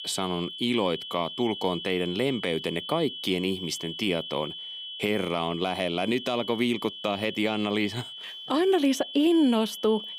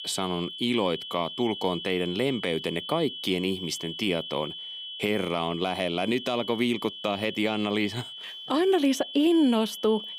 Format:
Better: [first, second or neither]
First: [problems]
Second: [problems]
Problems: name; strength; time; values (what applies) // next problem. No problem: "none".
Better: neither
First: high-pitched whine; loud; throughout; 3 kHz, 9 dB below the speech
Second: high-pitched whine; loud; throughout; 3 kHz, 9 dB below the speech